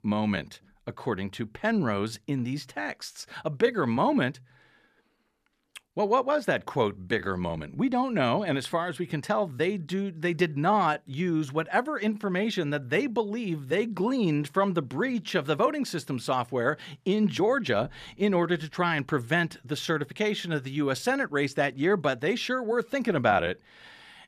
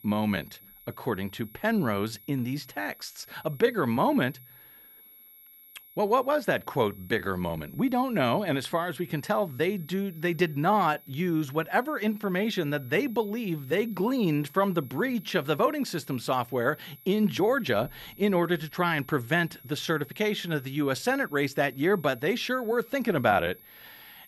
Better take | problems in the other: first | high-pitched whine; faint; throughout; 11.5 kHz, 20 dB below the speech

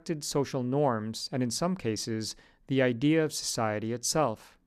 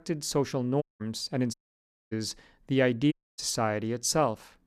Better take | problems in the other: first | audio cutting out; at 1 s, at 1.5 s for 0.5 s and at 3 s

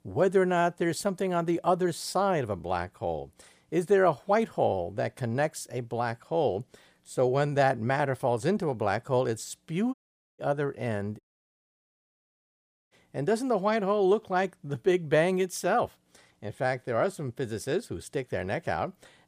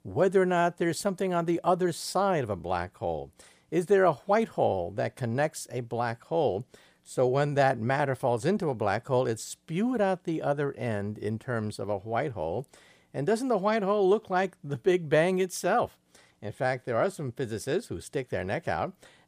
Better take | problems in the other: second | audio cutting out; at 10 s and at 11 s for 1.5 s

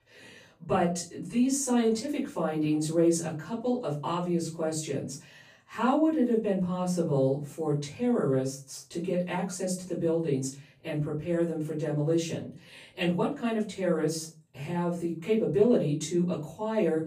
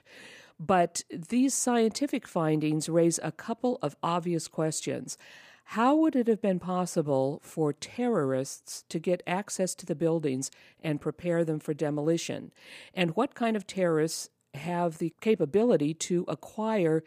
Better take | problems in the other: second | off-mic speech; far // room echo; slight; dies away in 0.3 s

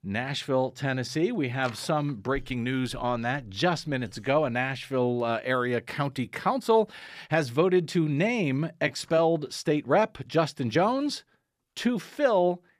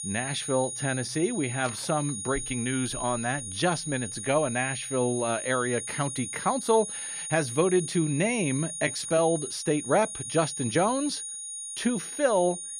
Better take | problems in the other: first | high-pitched whine; loud; throughout; 9.5 kHz, 6 dB below the speech

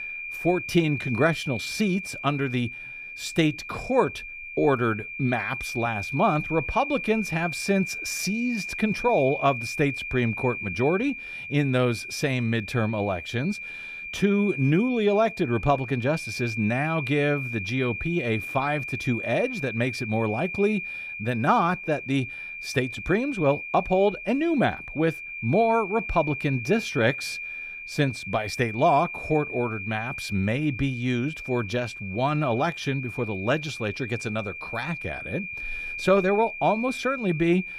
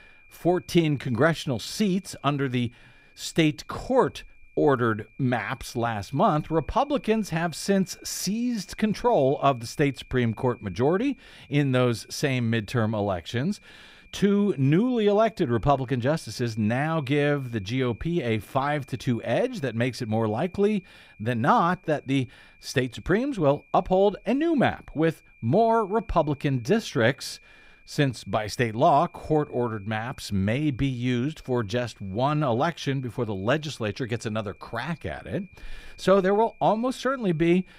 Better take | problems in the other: second | high-pitched whine; loud; throughout; 2.5 kHz, 7 dB below the speech; faint in the second

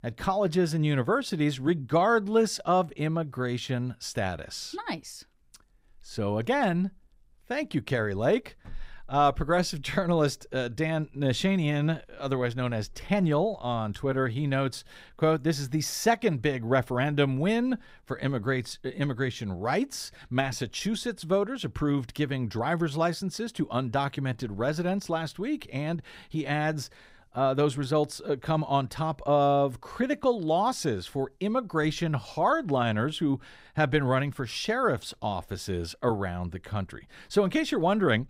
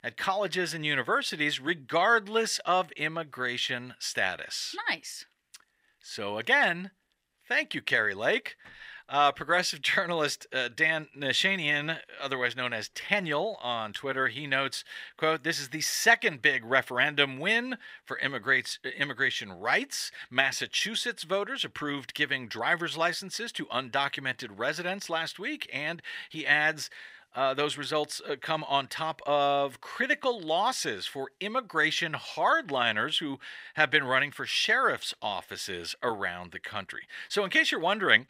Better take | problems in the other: first | thin; somewhat; fading below 900 Hz

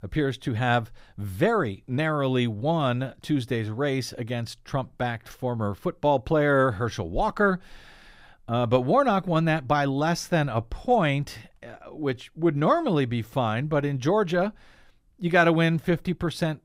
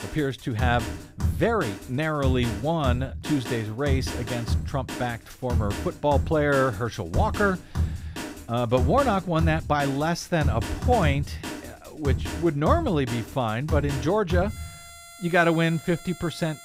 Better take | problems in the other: first | background music; loud; throughout; 5 dB below the speech

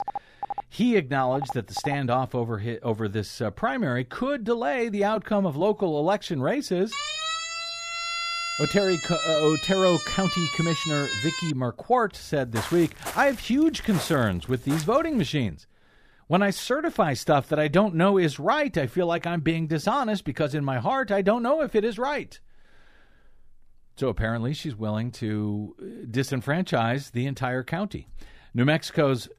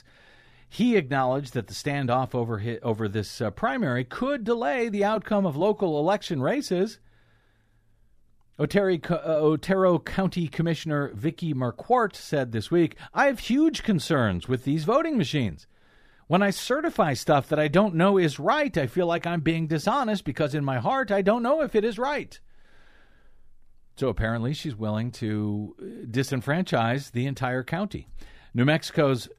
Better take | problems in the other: second | phone ringing; noticeable; until 2 s; peak 9 dB below the speech // siren; noticeable; from 7 to 12 s; peak 2 dB below the speech // footsteps; noticeable; from 12 to 15 s; peak 9 dB below the speech

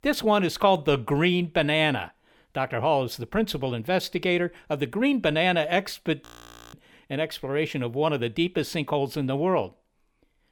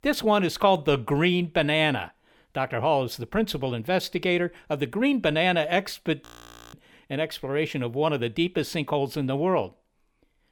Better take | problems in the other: neither | audio freezing; at 6.5 s; the same in both

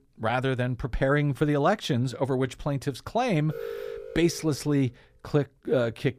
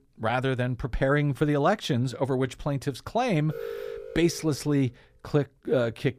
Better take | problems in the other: neither | alarm; noticeable; from 3.5 to 4.5 s; peak 8 dB below the speech; the same in both

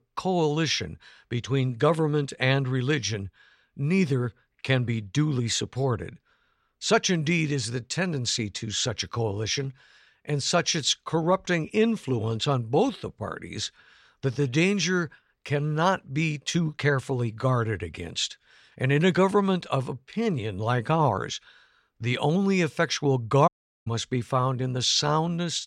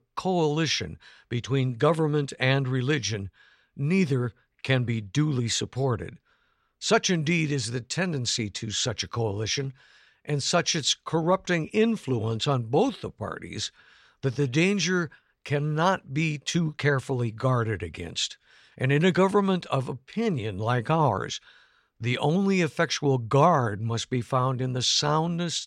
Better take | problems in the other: second | audio cutting out; at 23 s

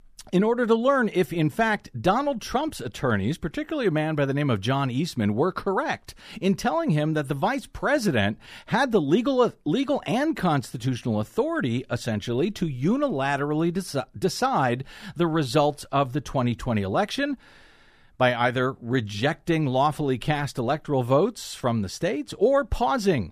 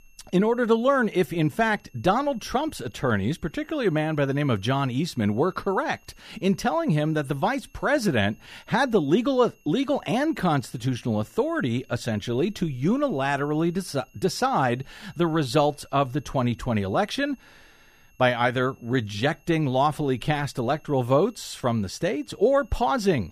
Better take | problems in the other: first | high-pitched whine; faint; throughout; 2.5 kHz, 35 dB below the speech

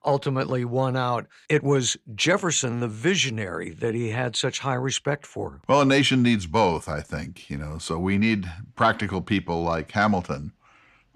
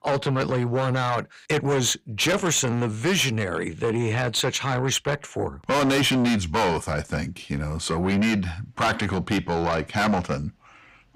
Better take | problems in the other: first | distortion; heavy; 7 dB below the speech

